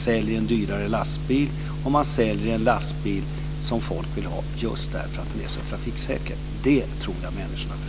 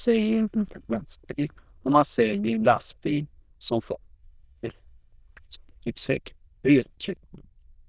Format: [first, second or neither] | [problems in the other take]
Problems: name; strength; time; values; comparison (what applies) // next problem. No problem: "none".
first | noise reduction (neural diffusion model UNIVERSE++)